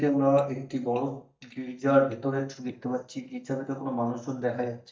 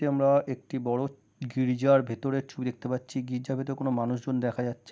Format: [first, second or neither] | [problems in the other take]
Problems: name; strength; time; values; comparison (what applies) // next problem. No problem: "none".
second | noise reduction (neural mask model DeepFilterNet 3)